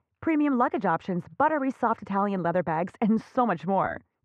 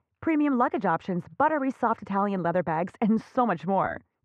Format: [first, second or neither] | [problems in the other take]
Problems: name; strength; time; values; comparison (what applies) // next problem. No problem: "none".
neither | muffled; very; fading above 1.5 kHz; the same in both